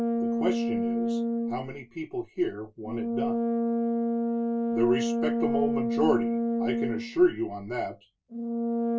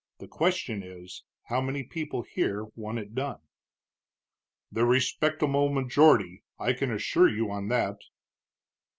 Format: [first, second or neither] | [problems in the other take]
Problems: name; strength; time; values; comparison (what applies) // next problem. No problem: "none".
second | background sound (Brass instrument); 3 dB above the speech // room echo; dies away in 0.1 s